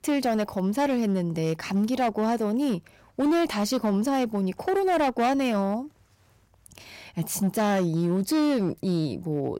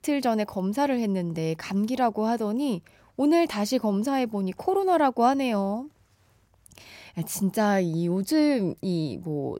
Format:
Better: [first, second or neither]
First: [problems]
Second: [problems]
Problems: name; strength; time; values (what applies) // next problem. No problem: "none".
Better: second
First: distortion; slight; 11% of the sound clipped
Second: none